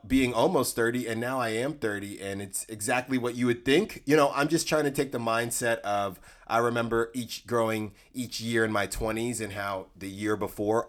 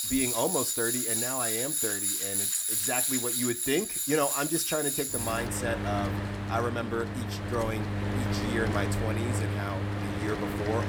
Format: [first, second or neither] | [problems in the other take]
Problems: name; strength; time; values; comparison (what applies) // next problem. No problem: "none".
first | machinery noise; very loud; throughout; 3 dB above the speech